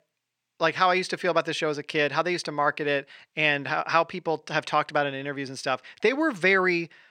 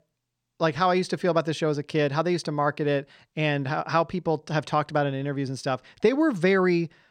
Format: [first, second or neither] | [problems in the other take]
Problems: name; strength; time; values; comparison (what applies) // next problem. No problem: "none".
second | thin; somewhat; fading below 500 Hz